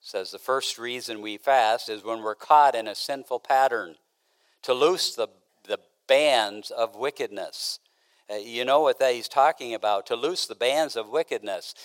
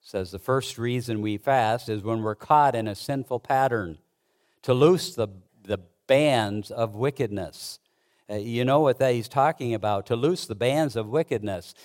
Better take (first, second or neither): second